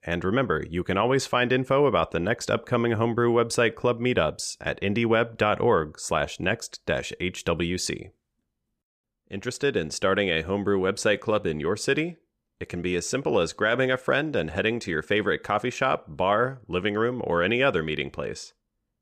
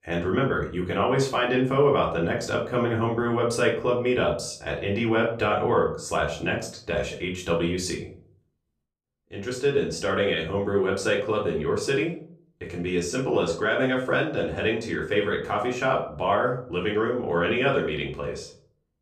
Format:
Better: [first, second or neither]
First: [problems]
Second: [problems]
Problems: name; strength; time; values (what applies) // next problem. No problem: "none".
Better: first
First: none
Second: off-mic speech; far // room echo; slight; dies away in 0.4 s